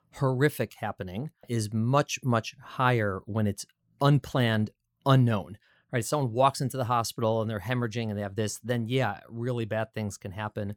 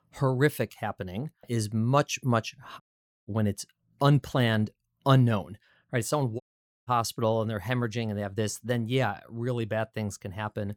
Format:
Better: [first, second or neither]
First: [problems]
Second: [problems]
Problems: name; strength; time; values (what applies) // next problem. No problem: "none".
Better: first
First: none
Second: audio cutting out; at 3 s and at 6.5 s